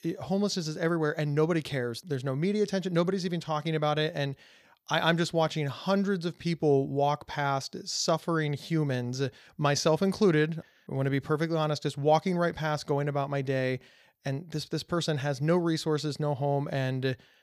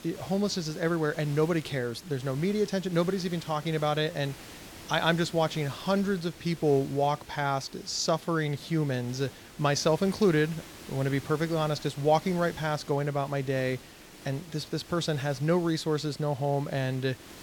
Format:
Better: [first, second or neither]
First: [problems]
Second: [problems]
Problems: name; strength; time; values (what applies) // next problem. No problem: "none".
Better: first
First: none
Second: hiss; noticeable; throughout; 20 dB below the speech